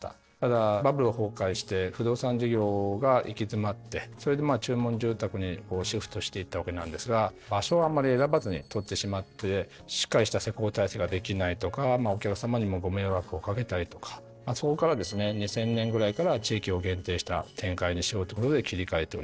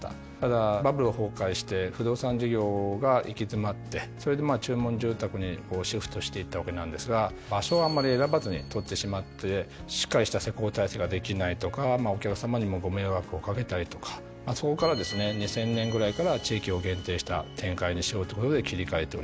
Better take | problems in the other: second | noise reduction (neural separator model SepFormer DNS4)

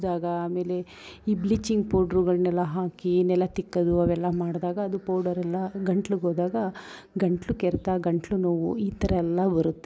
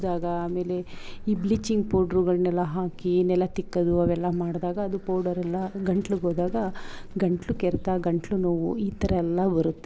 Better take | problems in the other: first | background sound (Livestock, farm animals, working animals); 13 dB below the speech

